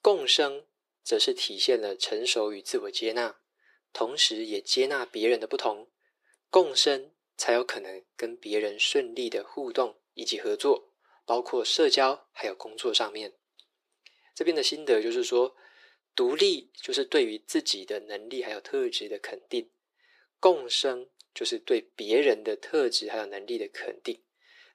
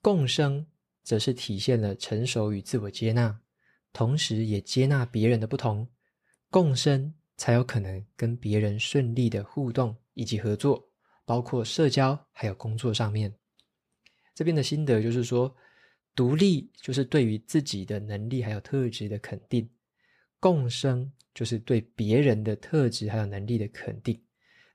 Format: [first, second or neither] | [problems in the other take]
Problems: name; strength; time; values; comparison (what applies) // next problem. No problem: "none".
second | thin; very; fading below 350 Hz